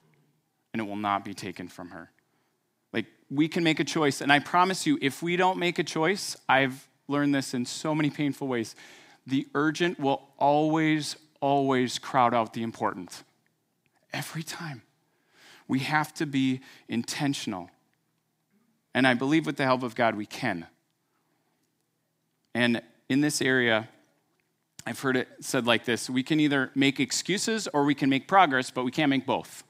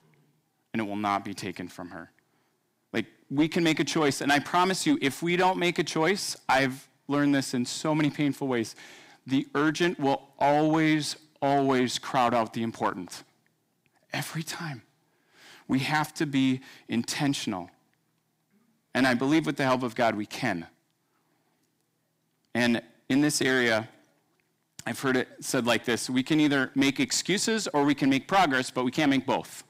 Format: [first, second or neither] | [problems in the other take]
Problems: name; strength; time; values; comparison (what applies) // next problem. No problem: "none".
first | distortion; slight; 3% of the sound clipped